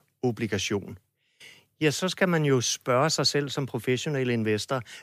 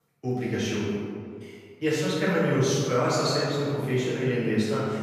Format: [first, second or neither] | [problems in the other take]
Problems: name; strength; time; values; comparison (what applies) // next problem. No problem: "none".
first | room echo; strong; dies away in 1.9 s // off-mic speech; far